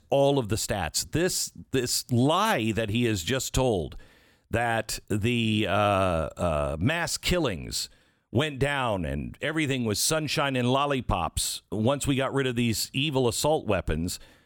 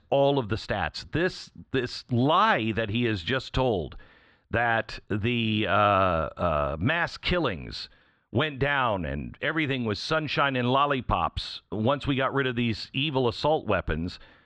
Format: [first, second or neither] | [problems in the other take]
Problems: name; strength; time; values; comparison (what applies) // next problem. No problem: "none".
first | muffled; slightly; fading above 4 kHz